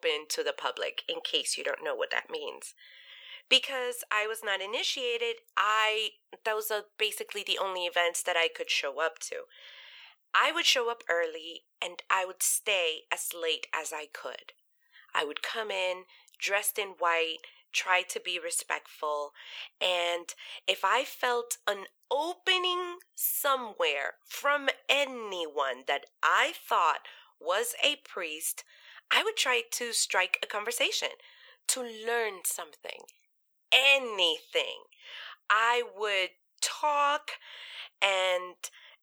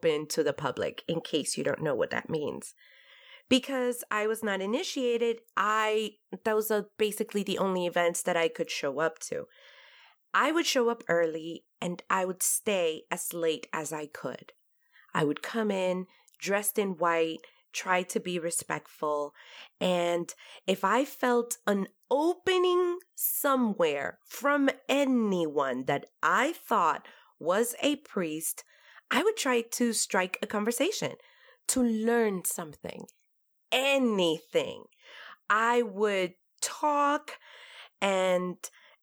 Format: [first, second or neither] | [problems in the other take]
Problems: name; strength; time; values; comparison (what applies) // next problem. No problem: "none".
second | thin; very; fading below 500 Hz